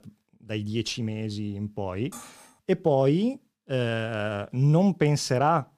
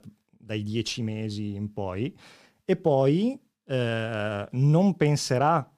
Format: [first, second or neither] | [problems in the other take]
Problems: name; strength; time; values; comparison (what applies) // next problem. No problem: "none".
second | clattering dishes; faint; at 2 s; peak 15 dB below the speech